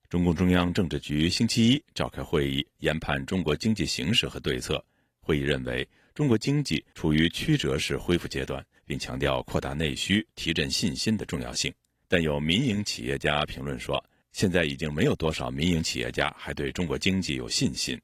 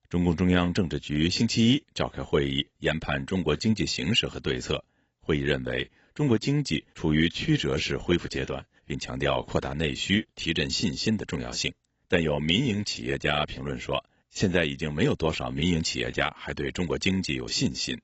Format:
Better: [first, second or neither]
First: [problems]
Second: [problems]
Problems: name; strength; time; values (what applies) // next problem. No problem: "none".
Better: first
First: garbled, watery; slightly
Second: garbled, watery; badly; nothing above 7.5 kHz